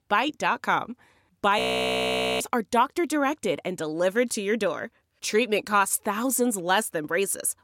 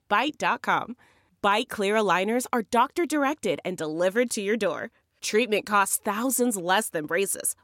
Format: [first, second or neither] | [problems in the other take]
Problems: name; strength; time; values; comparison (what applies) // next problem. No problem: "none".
second | audio freezing; at 1.5 s for 1 s